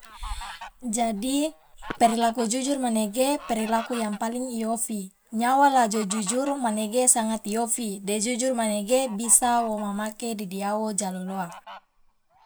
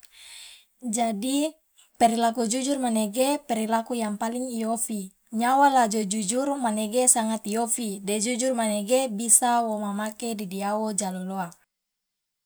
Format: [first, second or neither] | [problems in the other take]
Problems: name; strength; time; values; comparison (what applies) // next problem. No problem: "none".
second | background sound (Fowl); 18 dB below the speech